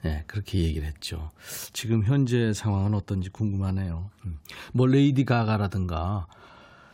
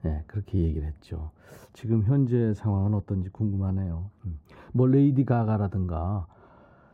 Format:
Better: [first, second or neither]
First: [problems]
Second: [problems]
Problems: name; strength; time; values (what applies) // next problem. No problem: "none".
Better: first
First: none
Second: muffled; very; fading above 1.5 kHz